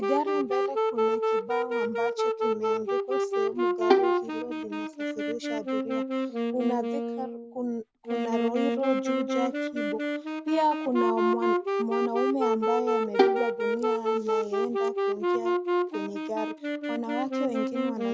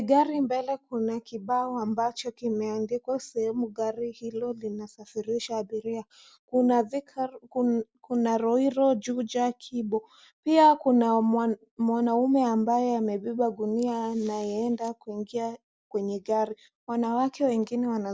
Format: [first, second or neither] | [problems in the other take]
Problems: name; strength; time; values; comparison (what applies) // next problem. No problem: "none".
second | background sound (Bowed string instrument + Wind instrument, woodwind instrument); 5 dB above the speech